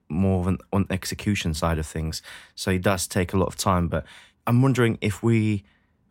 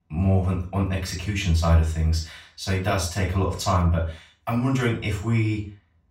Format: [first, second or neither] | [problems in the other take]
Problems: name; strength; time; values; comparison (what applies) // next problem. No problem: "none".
first | room echo; noticeable; dies away in 0.3 s // off-mic speech; far